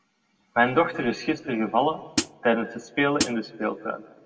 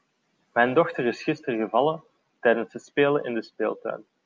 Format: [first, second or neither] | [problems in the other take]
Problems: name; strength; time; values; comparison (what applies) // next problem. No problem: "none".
second | background sound (Hi-hat); 2 dB below the speech // room echo; dies away in 1 s